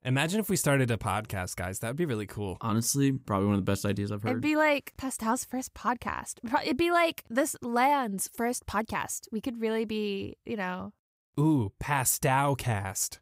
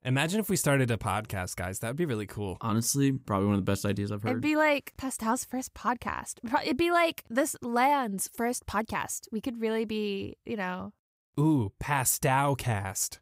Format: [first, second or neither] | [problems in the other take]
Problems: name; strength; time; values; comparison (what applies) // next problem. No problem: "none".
neither | none